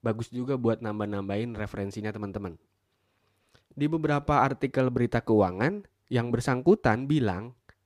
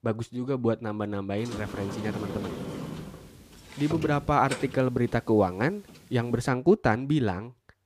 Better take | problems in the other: first | door banging; noticeable; from 1.5 to 6 s; peak 8 dB below the speech

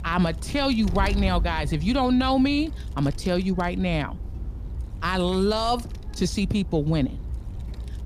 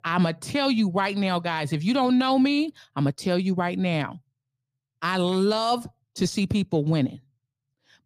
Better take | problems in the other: second | wind noise on the microphone; occasional gusts; 20 dB below the speech

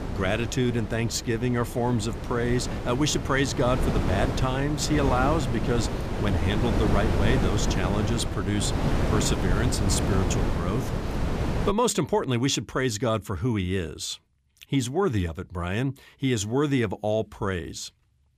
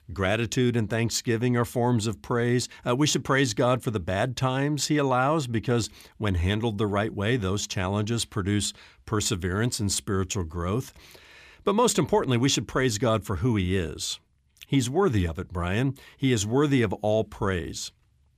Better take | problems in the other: second | wind noise on the microphone; heavy; until 12 s; 4 dB below the speech

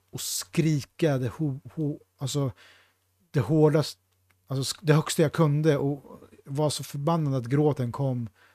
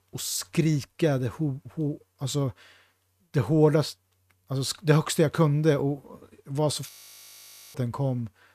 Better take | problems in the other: first | audio freezing; at 7 s for 1 s

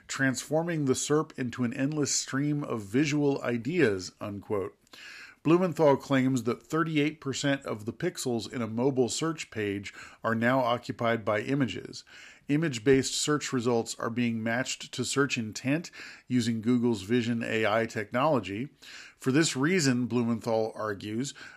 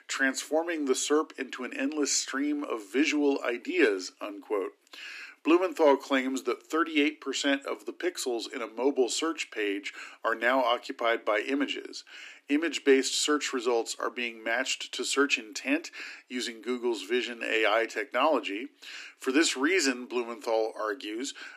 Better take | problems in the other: first | thin; very slightly; fading below 300 Hz

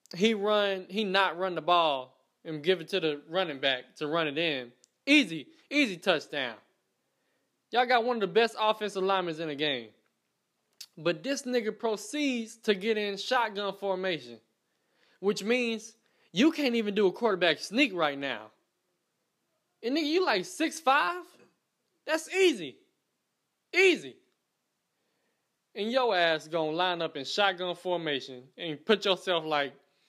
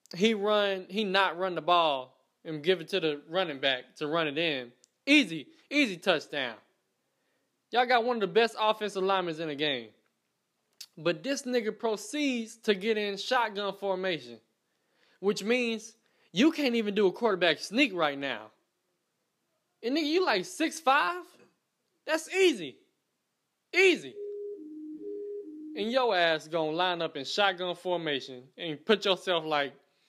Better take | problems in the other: first | siren; faint; from 24 to 26 s; peak 10 dB below the speech

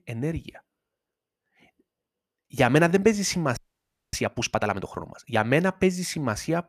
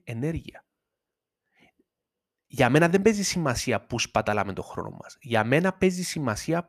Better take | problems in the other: second | audio freezing; at 3.5 s for 0.5 s

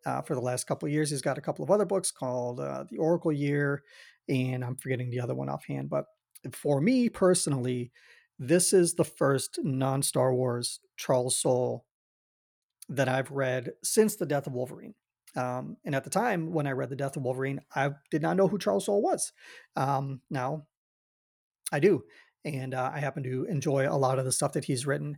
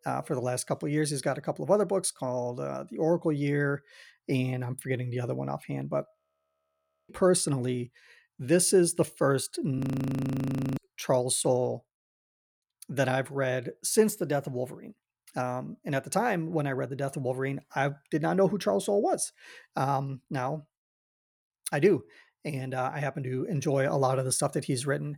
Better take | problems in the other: first | audio freezing; at 6 s for 1 s and at 10 s for 1 s

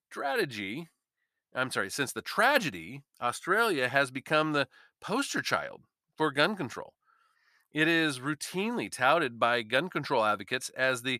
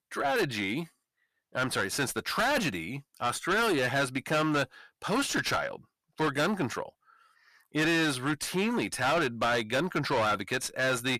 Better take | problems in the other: first | distortion; heavy; 6 dB below the speech

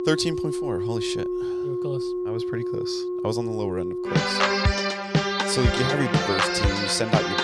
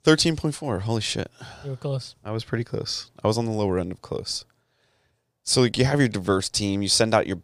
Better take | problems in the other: second | background music; very loud; throughout; 4 dB above the speech

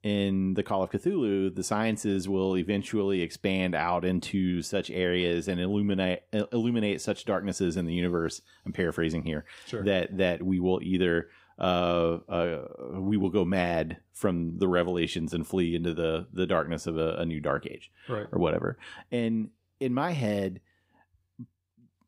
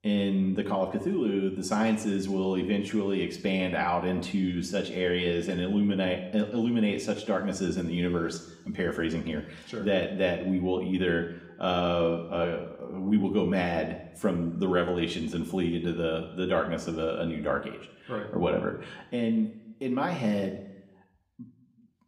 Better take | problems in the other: first | room echo; slight; dies away in 0.8 s // off-mic speech; somewhat distant

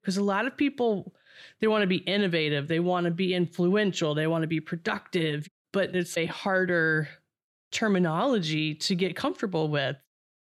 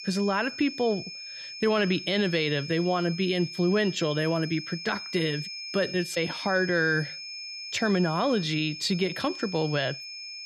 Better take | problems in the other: first | high-pitched whine; loud; throughout; 5 kHz, 9 dB below the speech

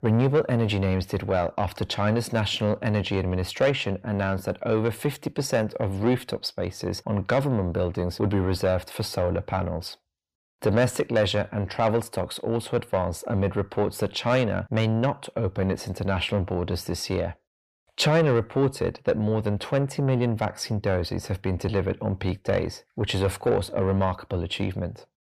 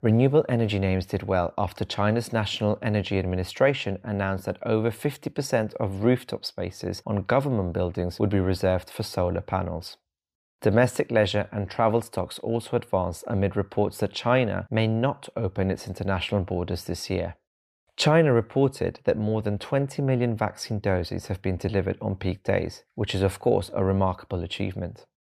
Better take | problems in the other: second | distortion; slight; 10 dB below the speech

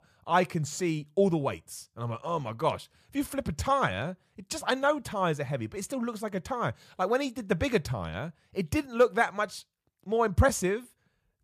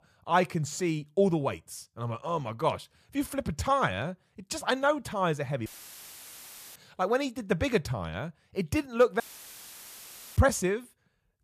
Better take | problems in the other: first | audio cutting out; filled with static; at 5.5 s for 1 s and at 9 s for 1 s

